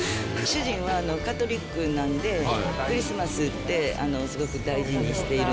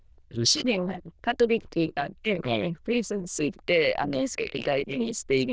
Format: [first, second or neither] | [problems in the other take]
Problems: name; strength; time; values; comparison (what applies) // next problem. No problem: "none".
first | noise reduction (neural diffusion model UNIVERSE++)